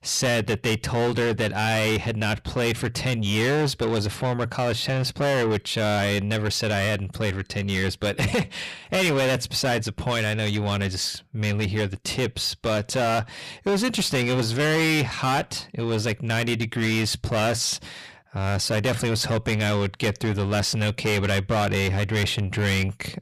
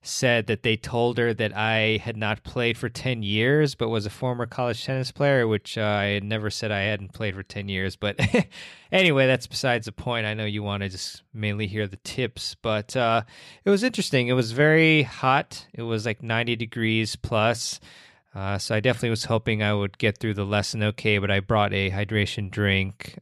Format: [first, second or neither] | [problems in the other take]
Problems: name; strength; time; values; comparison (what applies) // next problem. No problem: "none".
second | distortion; heavy; 6 dB below the speech